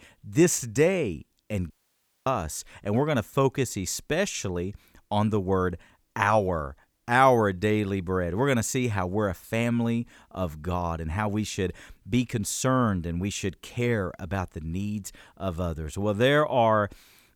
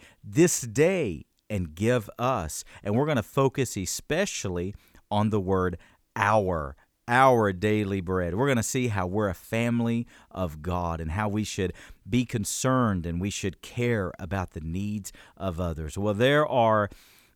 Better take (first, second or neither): second